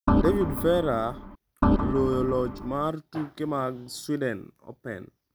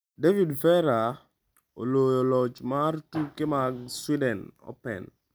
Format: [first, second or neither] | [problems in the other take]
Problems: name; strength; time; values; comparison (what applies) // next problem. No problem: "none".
second | background sound (Organ); 2 dB above the speech